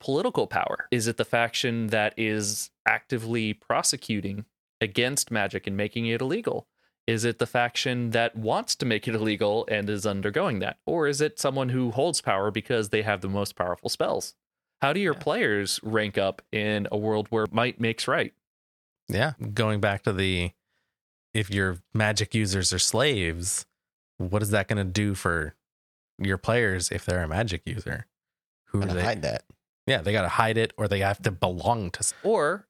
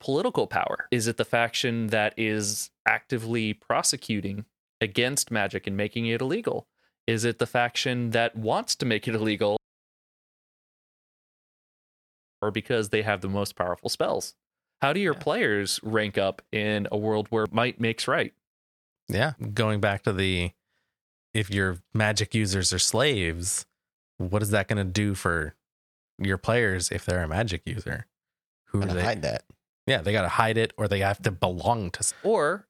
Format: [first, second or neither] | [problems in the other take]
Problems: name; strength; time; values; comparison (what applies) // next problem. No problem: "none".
first | audio cutting out; at 9.5 s for 3 s